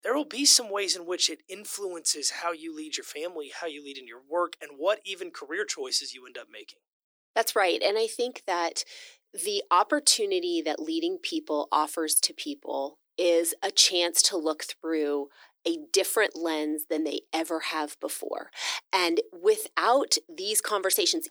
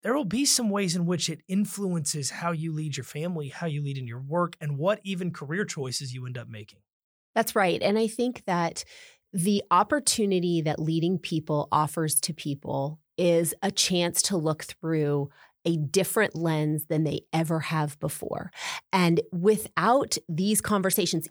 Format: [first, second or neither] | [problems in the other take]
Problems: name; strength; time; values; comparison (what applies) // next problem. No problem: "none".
second | thin; somewhat; fading below 300 Hz